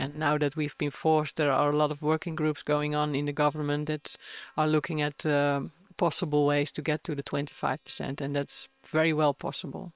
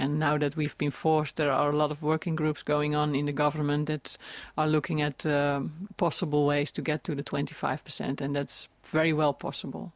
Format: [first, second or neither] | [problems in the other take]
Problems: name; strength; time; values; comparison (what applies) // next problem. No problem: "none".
second | noise reduction (neural separator model SepFormer WHAM!)